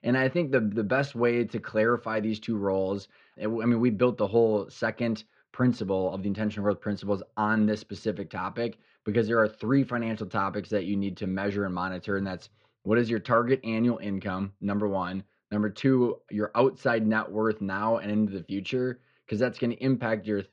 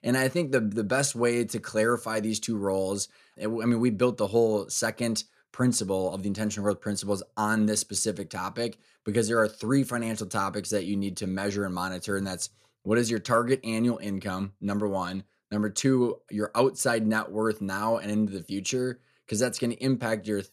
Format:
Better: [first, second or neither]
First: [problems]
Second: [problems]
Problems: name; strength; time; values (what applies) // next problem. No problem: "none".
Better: second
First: muffled; very; fading above 3.5 kHz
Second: none